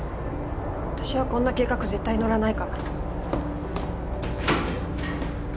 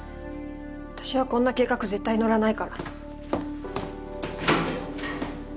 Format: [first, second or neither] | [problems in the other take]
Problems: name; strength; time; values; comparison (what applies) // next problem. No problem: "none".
second | background sound (Insect / Frog); 1 dB below the speech